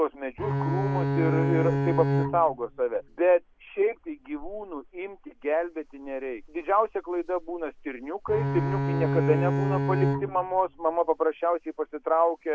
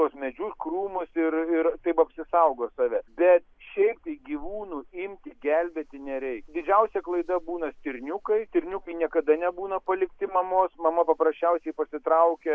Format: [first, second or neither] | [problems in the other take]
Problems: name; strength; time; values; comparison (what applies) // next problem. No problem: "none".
second | background sound (Bowed string instrument); as loud as the speech